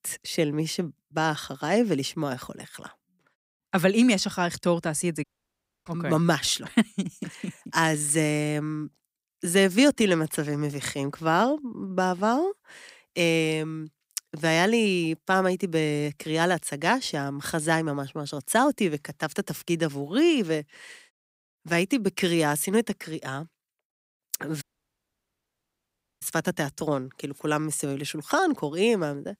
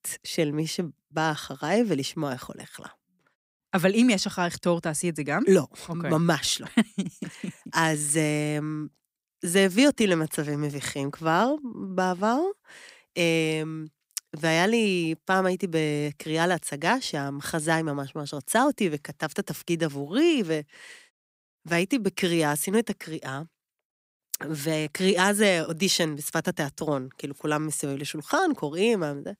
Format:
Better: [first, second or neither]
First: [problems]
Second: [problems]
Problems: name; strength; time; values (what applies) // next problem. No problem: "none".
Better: second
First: audio cutting out; at 5 s for 0.5 s and at 25 s for 1.5 s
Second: none